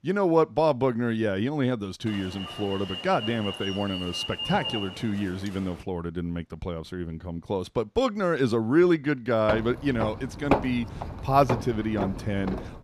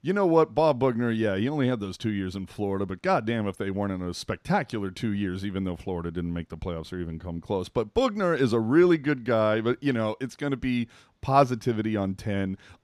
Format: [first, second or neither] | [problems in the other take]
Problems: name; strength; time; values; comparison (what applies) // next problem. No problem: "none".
second | alarm; noticeable; from 2 to 6 s; peak 3 dB below the speech // footsteps; loud; from 9.5 s on; peak level with the speech